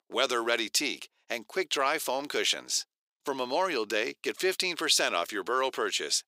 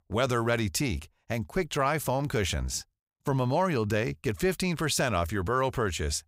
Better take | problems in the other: second | thin; somewhat; fading below 350 Hz

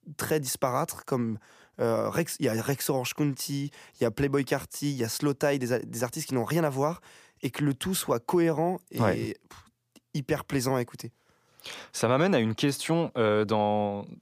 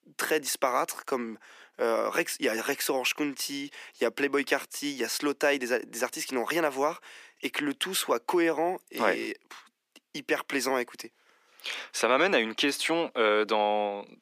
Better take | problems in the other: first | thin; somewhat; fading below 250 Hz

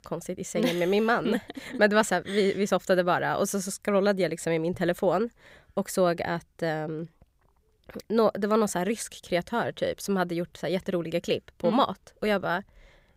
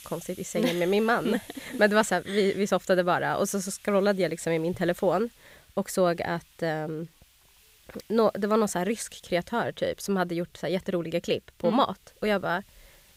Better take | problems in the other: first | hiss; faint; throughout; 25 dB below the speech

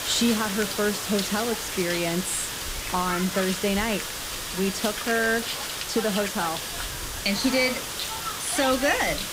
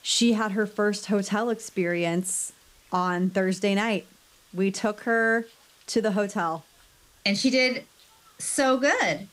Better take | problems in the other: second | hiss; loud; throughout; 3 dB below the speech; faint in the second

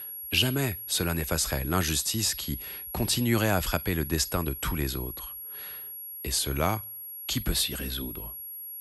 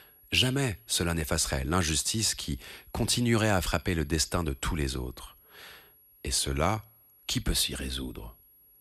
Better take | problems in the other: second | high-pitched whine; loud; throughout; 11.5 kHz, 9 dB below the speech; faint in the second

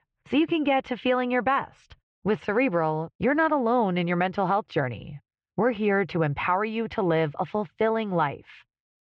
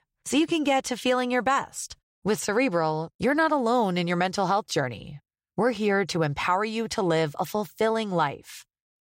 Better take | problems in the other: second | muffled; very; fading above 2.5 kHz

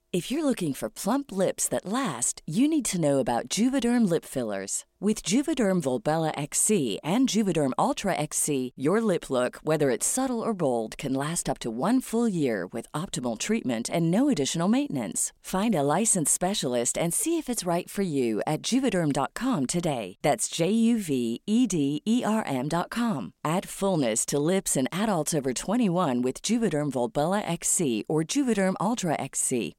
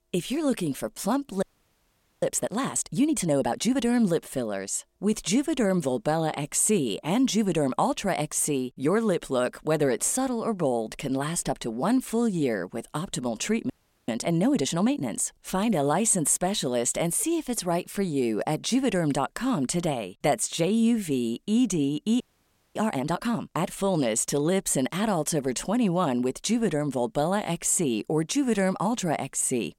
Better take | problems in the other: first | audio freezing; at 1.5 s for 1 s, at 14 s and at 22 s for 0.5 s

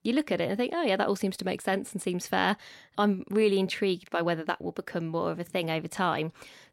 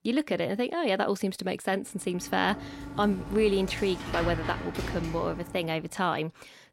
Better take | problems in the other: first | door banging; noticeable; from 2 to 5.5 s; peak 4 dB below the speech

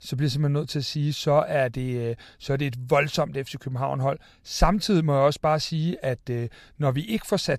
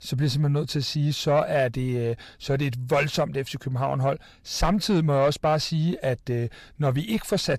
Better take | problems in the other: first | distortion; slight; 10 dB below the speech

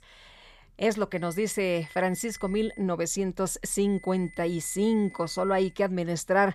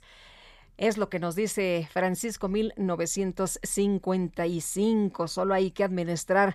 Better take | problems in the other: second | high-pitched whine; noticeable; from 1 to 3 s and from 4 to 5.5 s; 2 kHz, 20 dB below the speech

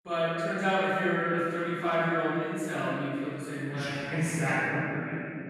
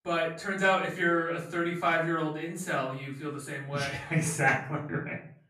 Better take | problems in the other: second | room echo; strong; dies away in 2.6 s; slight in the second // off-mic speech; far; far in the second

